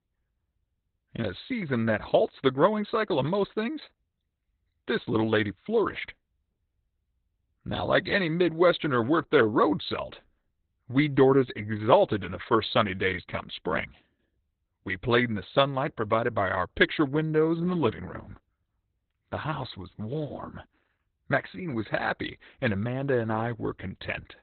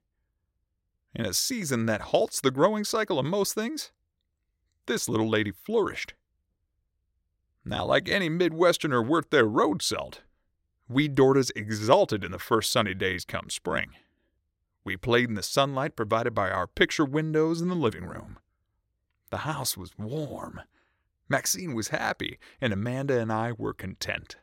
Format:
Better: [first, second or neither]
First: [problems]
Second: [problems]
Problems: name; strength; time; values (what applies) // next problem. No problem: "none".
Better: second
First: garbled, watery; badly; nothing above 4 kHz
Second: none